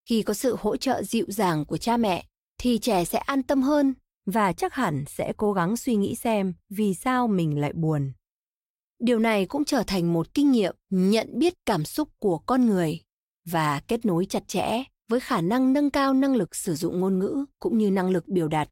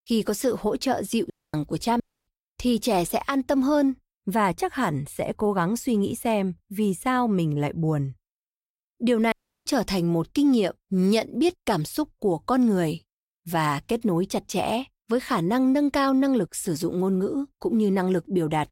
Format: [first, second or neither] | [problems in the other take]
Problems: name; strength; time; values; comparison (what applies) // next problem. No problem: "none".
first | audio cutting out; at 1.5 s, at 2 s and at 9.5 s